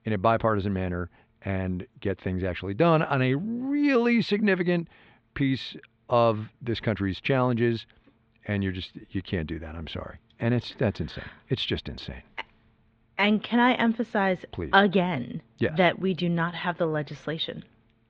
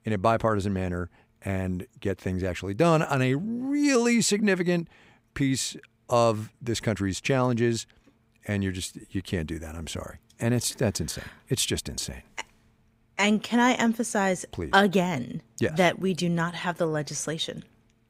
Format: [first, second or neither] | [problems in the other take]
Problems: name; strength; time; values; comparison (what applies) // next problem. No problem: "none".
second | muffled; slightly; fading above 4 kHz